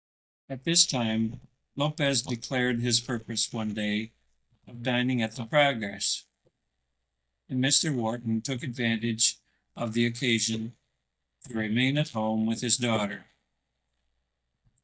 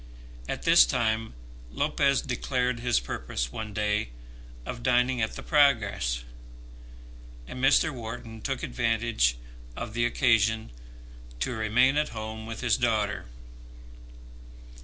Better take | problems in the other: second | noise reduction (neural mask model DeepFilterNet 3)

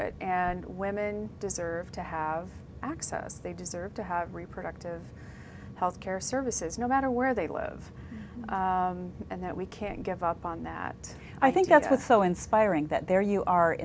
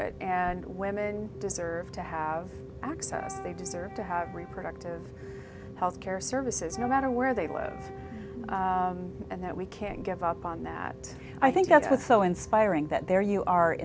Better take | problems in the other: first | background sound (Keyboard (musical) + Wind instrument, woodwind instrument); 16 dB below the speech

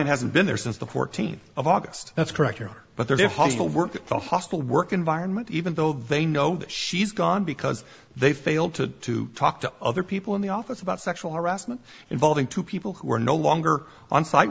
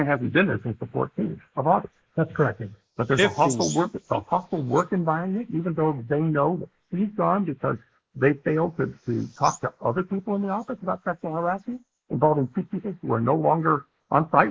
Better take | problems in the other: first | noise reduction (neural mask model Resemble Enhance denoiser)

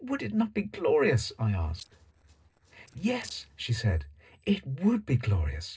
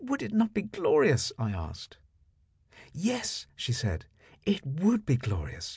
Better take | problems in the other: second | noise reduction (neural separator model SepFormer DNS4)

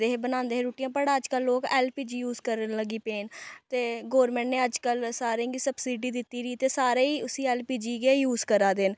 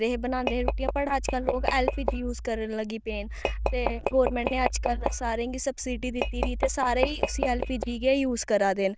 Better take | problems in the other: first | noise reduction (neural diffusion model UNIVERSE++)

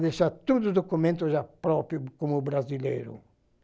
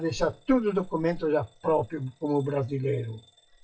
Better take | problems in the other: first | noise reduction (classical method WPE with log-MMSE)

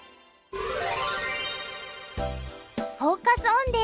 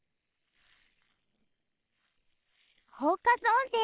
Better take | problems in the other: first | noise reduction (neural separator model SepFormer WHAM!)

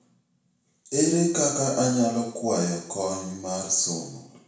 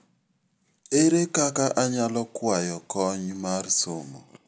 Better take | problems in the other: second | room echo; dies away in 0.7 s

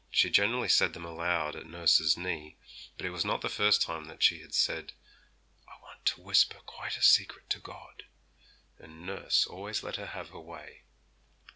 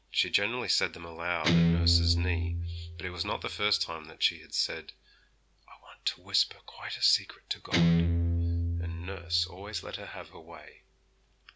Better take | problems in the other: first | background sound (Guitar); 2 dB above the speech

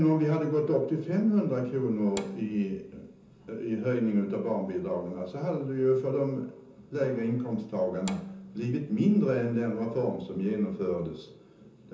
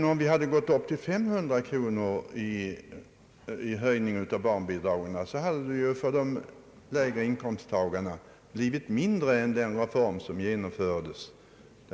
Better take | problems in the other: second | background sound (Bowed string instrument); 19 dB below the speech // room echo; dies away in 0.6 s

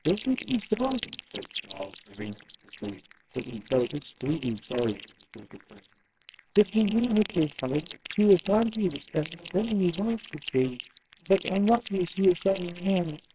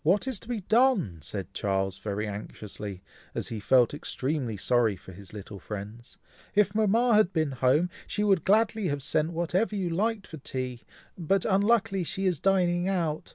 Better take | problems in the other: second | noise reduction (neural separator model SepFormer WHAMR!)

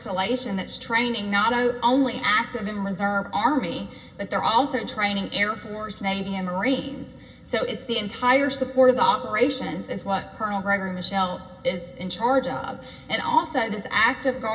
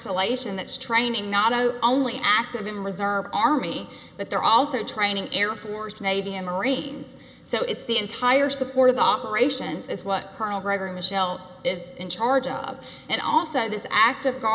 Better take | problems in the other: second | room echo; dies away in 0.4 s

